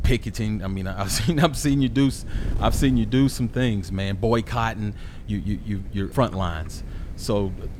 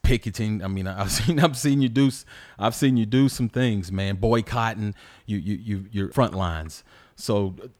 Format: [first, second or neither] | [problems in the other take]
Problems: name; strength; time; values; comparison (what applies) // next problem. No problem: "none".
second | wind noise on the microphone; occasional gusts; 20 dB below the speech